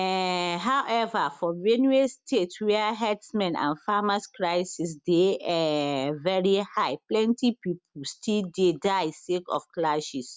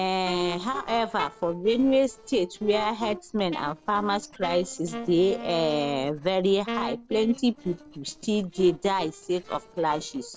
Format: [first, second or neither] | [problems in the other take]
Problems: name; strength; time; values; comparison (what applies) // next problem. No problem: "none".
first | noise reduction (neural separator model SepFormer DNS4)